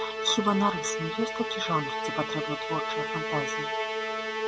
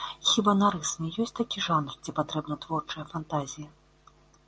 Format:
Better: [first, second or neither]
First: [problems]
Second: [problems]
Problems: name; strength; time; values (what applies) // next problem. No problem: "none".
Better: second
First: background sound (Musical instrument); as loud as the speech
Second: none